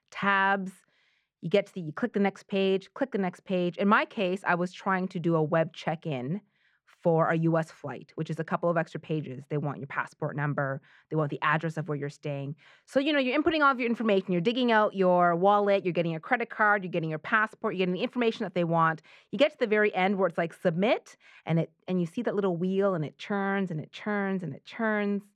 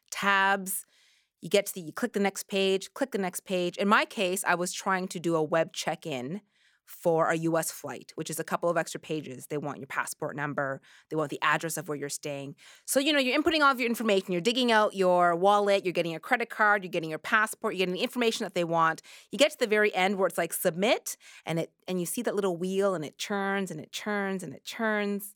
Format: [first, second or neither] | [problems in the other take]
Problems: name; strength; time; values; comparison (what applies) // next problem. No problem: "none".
second | muffled; slightly; fading above 2.5 kHz